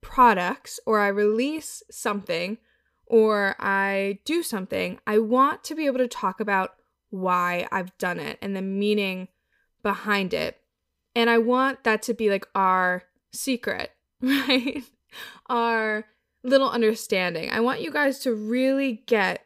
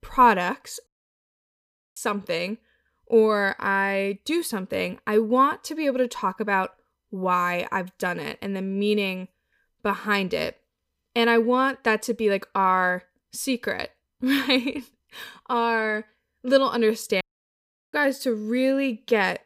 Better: first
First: none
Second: audio cutting out; at 1 s for 1 s and at 17 s for 0.5 s

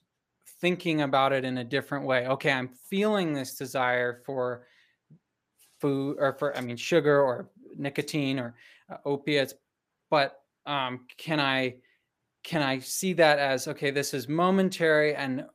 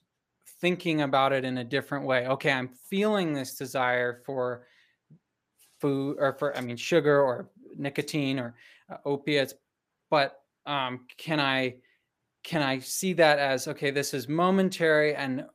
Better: neither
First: none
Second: none

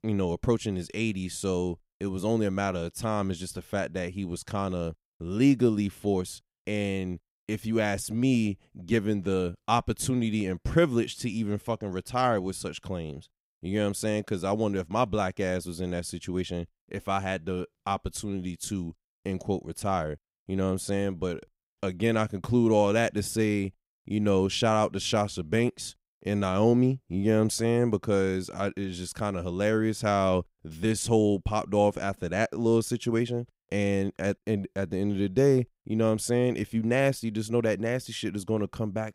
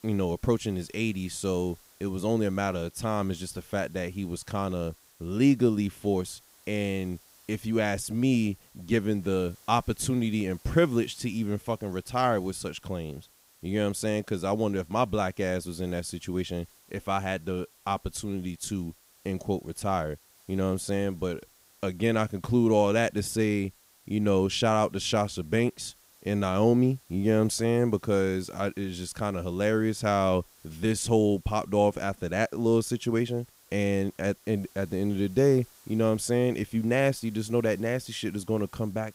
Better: first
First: none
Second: hiss; faint; throughout; 25 dB below the speech

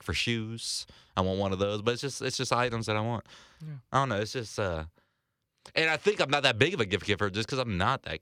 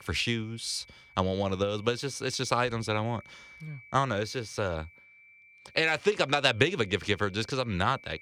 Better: first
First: none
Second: high-pitched whine; faint; throughout; 2.5 kHz, 25 dB below the speech

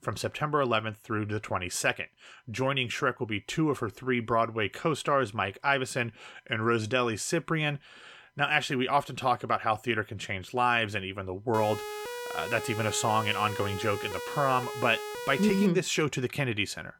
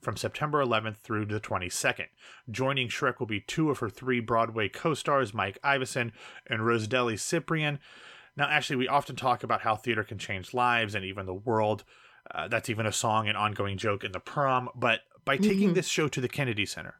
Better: second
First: siren; noticeable; from 12 to 16 s; peak 8 dB below the speech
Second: none

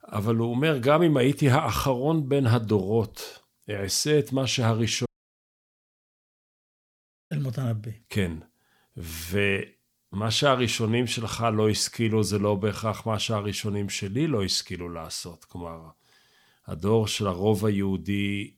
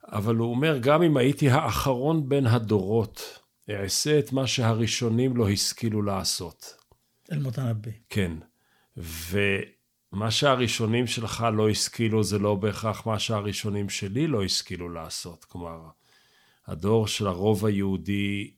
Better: second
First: audio cutting out; at 5 s for 2.5 s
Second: none

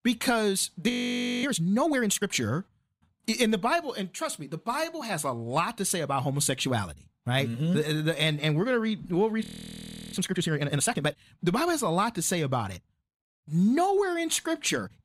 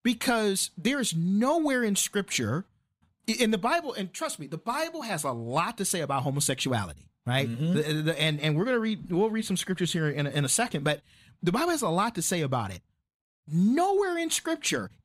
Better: second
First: audio freezing; at 1 s for 0.5 s and at 9.5 s for 0.5 s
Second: none

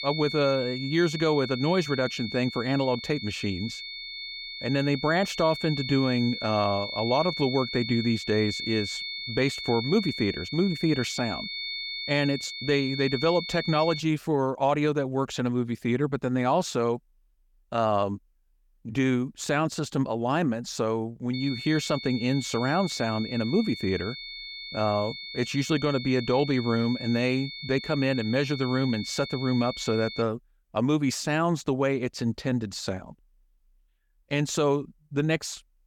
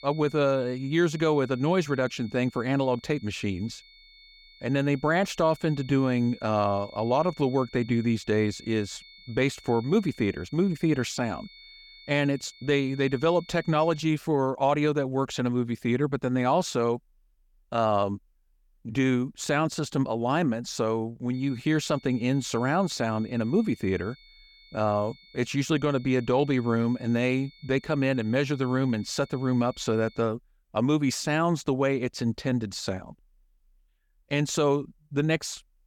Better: second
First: high-pitched whine; loud; until 14 s and from 21 to 30 s; 2 kHz, 8 dB below the speech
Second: high-pitched whine; faint; until 14 s and from 21 to 30 s; 2 kHz, 25 dB below the speech

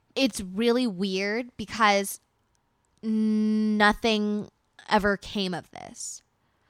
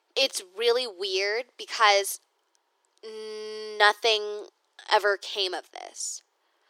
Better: first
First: none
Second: thin; very; fading below 350 Hz

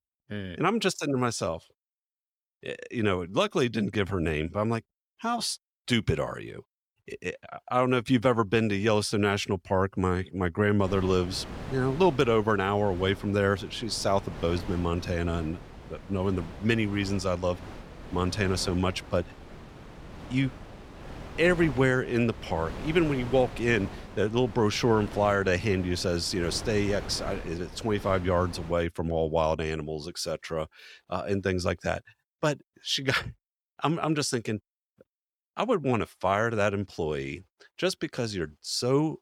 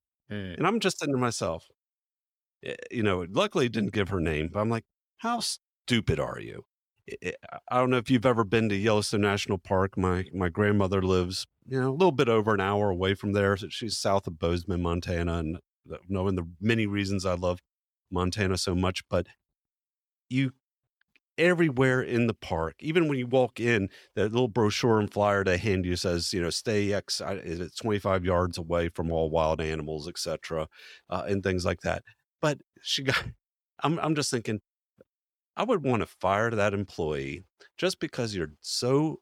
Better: second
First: wind noise on the microphone; occasional gusts; from 11 to 29 s; 15 dB below the speech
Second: none

